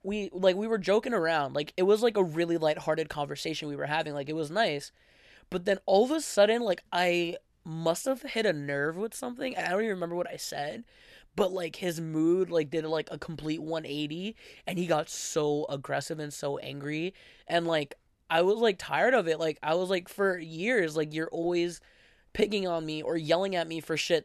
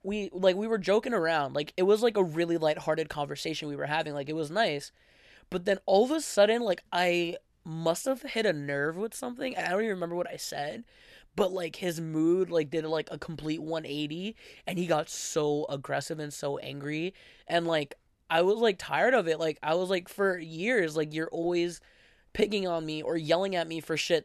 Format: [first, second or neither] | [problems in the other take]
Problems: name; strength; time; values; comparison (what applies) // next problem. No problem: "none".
neither | none